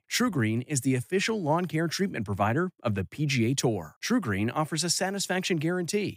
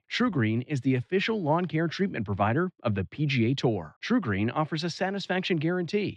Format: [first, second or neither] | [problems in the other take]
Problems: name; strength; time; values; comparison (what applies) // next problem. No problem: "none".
first | muffled; slightly; fading above 4 kHz